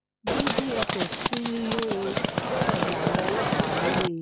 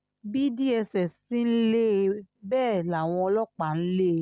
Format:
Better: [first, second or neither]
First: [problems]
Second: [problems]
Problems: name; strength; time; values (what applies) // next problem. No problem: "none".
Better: second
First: background sound (Livestock, farm animals, working animals); 5 dB above the speech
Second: none